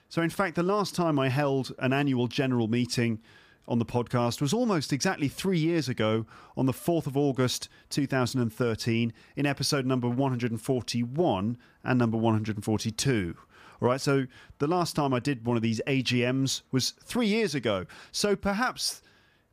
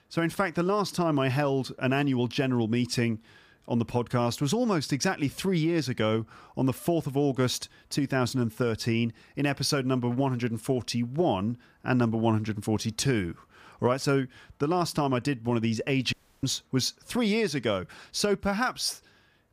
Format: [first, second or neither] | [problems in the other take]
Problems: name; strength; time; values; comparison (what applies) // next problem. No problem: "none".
first | audio cutting out; at 16 s